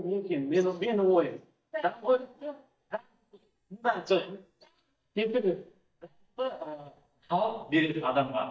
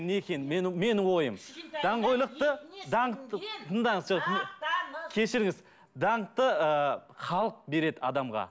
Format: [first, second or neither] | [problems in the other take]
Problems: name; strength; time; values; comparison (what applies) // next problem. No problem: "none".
second | noise reduction (neural mask model DeepFilterNet 3)